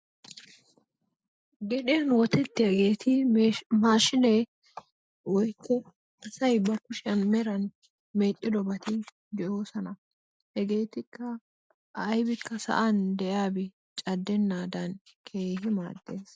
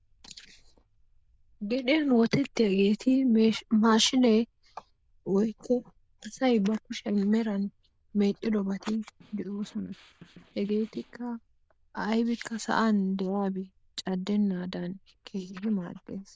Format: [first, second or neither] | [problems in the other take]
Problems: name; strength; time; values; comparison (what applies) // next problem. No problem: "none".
first | noise reduction (neural diffusion model UNIVERSE++)